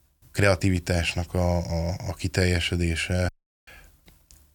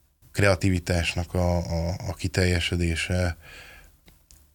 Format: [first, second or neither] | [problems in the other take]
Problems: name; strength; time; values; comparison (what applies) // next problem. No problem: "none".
second | audio cutting out; at 3.5 s